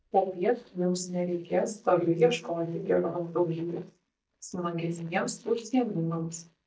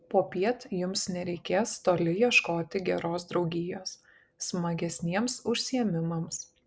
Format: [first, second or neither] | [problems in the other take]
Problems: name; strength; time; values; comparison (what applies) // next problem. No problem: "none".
second | noise reduction (neural mask model DeepFilterNet 3)